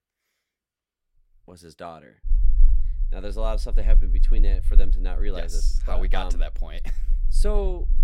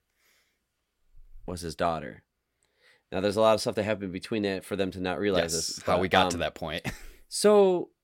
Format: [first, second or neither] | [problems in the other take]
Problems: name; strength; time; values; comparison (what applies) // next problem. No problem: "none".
second | low rumble; noticeable; from 2.5 s on; 20 dB below the speech